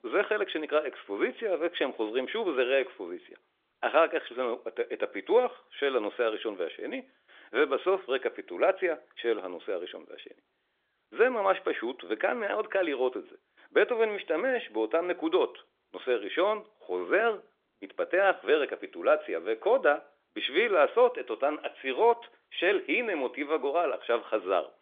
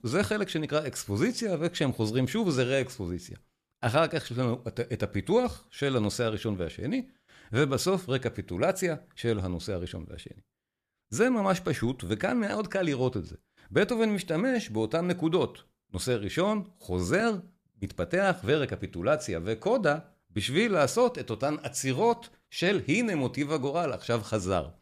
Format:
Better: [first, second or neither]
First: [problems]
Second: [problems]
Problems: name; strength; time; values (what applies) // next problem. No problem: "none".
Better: second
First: phone-call audio; nothing above 3.5 kHz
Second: none